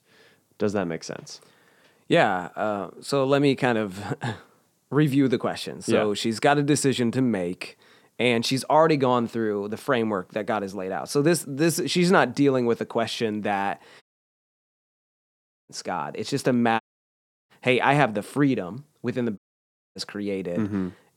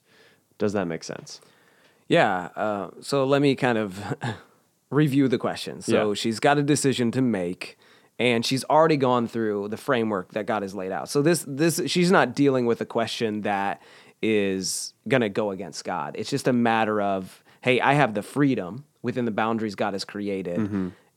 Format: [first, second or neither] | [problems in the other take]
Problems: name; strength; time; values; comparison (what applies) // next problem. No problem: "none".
second | audio cutting out; at 14 s for 1.5 s, at 17 s for 0.5 s and at 19 s for 0.5 s